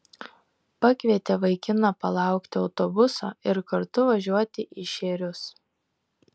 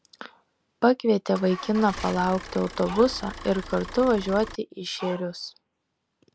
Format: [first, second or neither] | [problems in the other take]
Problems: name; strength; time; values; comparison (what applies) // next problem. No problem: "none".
first | background sound (Dog + Idling / Engine starting / Motor vehicle (road)); 12 dB below the speech